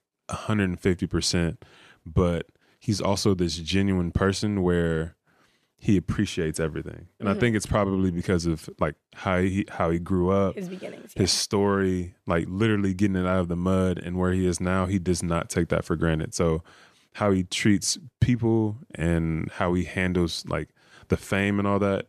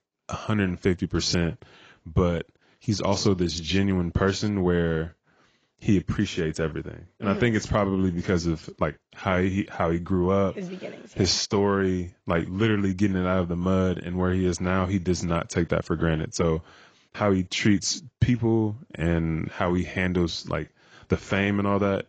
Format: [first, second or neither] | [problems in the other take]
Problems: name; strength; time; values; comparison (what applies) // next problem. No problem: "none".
first | garbled, watery; badly